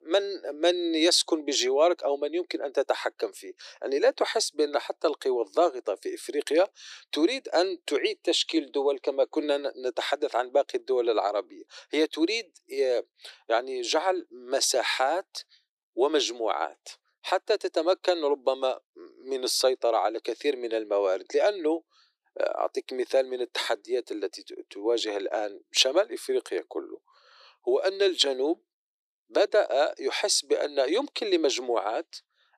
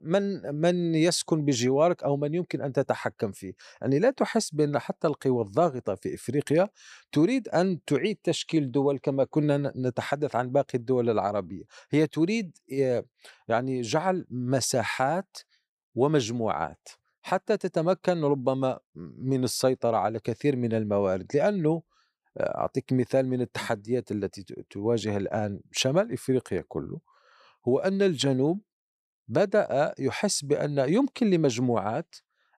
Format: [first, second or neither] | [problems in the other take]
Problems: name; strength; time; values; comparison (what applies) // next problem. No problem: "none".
second | thin; very; fading below 350 Hz